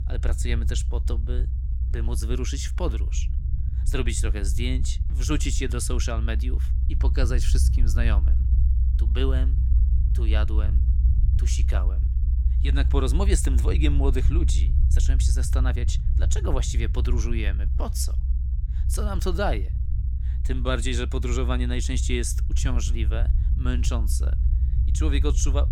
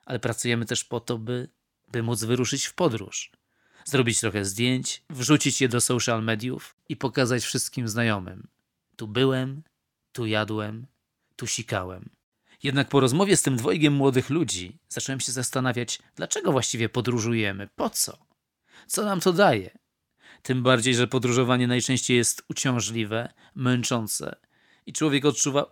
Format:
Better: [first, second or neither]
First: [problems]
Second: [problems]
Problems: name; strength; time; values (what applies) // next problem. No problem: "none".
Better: second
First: low rumble; noticeable; throughout; 10 dB below the speech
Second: none